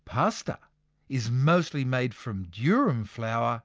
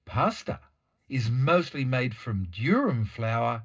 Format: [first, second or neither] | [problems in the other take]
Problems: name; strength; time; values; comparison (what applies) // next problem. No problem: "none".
first | room echo; dies away in 0.2 s